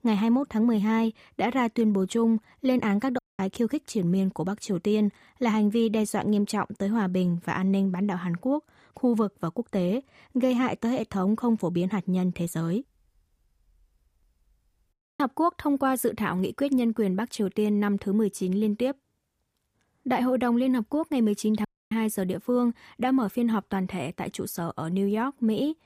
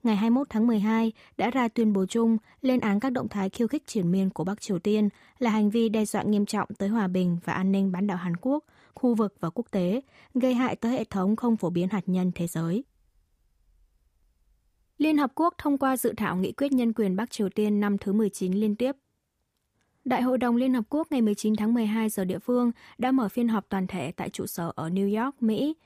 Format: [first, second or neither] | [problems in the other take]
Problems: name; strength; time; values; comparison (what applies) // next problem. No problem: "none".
second | audio cutting out; at 3 s, at 15 s and at 22 s